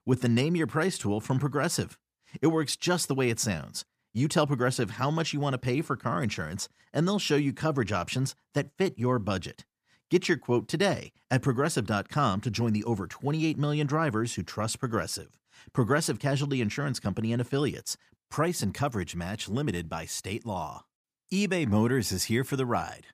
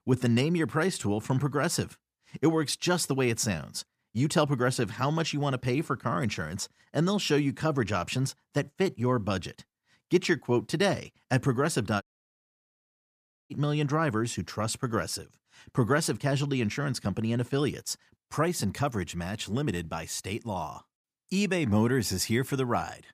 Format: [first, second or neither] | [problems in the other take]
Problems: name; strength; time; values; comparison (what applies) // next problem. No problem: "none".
first | audio cutting out; at 12 s for 1.5 s